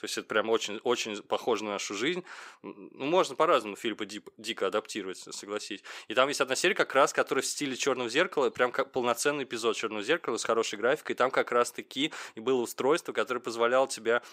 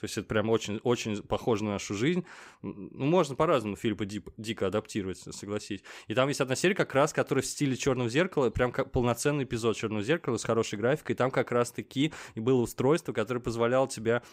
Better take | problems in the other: second | thin; somewhat; fading below 400 Hz

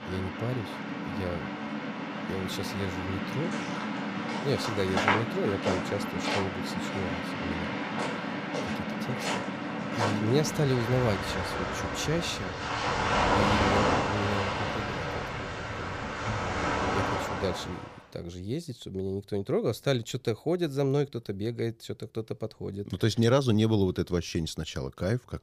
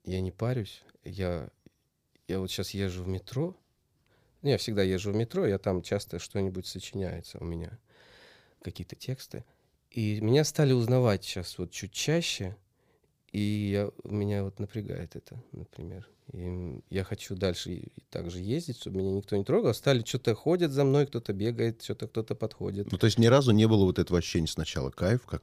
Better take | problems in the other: second | rain or running water; very loud; until 17 s; 1 dB above the speech

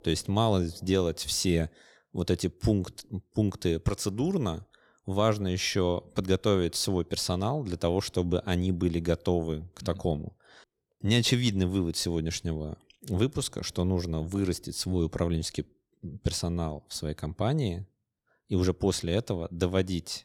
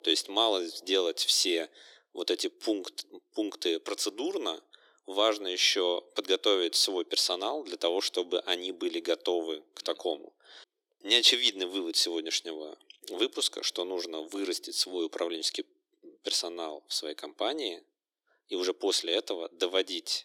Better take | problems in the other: first | thin; very; fading below 300 Hz

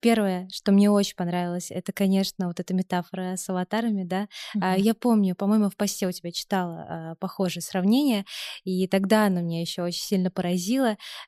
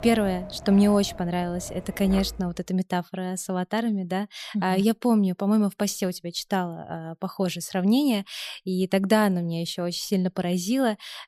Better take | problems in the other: first | wind in the background; noticeable; until 2.5 s; 15 dB below the speech

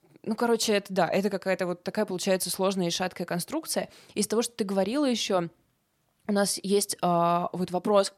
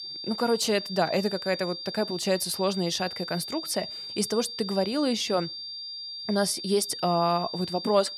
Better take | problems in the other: first | high-pitched whine; loud; throughout; 4.5 kHz, 7 dB below the speech

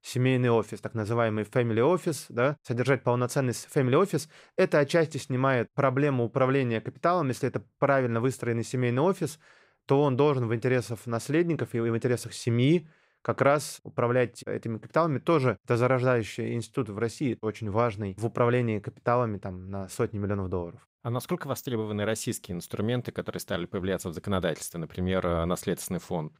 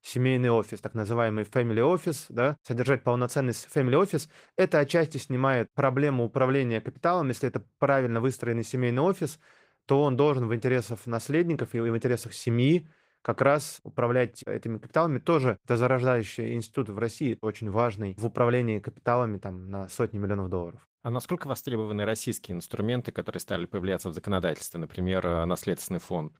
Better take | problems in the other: first | garbled, watery; slightly; nothing above 15.5 kHz

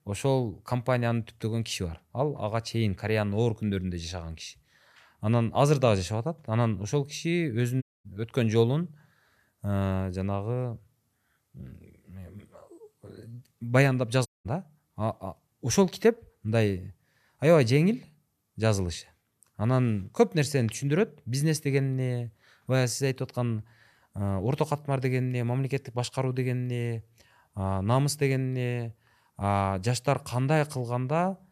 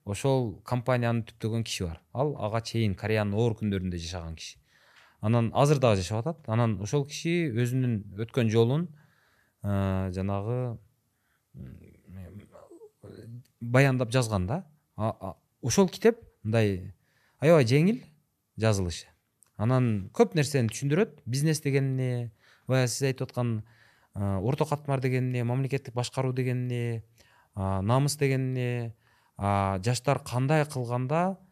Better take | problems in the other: second | audio cutting out; at 8 s and at 14 s

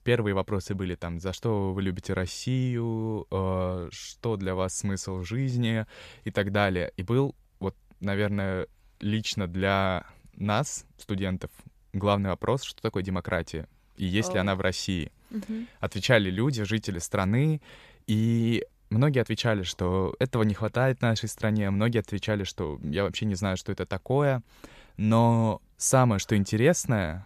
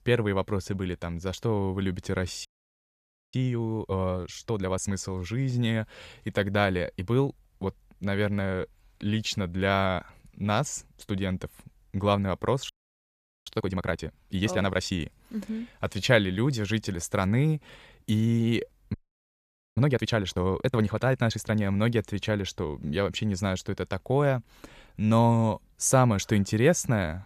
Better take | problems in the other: first | audio freezing; at 2.5 s for 1 s, at 13 s for 1 s and at 19 s for 1 s

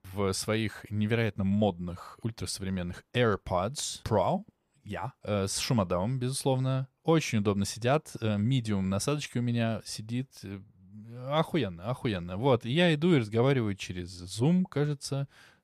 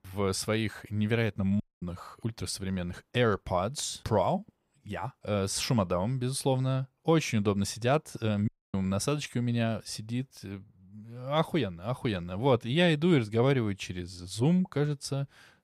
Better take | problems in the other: first | audio cutting out; at 1.5 s and at 8.5 s

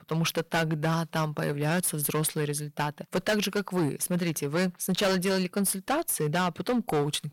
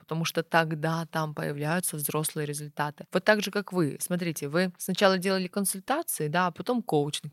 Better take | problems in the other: second | distortion; heavy; 11% of the sound clipped

